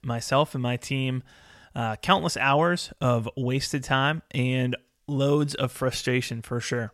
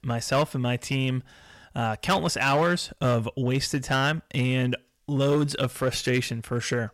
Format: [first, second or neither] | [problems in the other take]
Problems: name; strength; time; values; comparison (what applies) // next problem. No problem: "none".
first | distortion; slight; 5% of the sound clipped